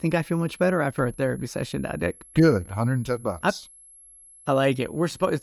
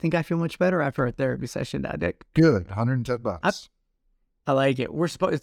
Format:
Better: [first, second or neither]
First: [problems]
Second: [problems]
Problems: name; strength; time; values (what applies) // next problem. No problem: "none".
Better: second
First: high-pitched whine; faint; throughout; 11 kHz, 25 dB below the speech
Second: none